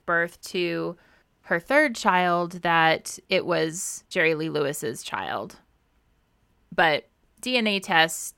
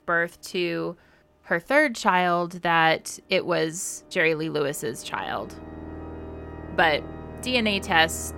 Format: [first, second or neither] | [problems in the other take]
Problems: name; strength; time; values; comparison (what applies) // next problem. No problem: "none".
first | background music; noticeable; throughout; 15 dB below the speech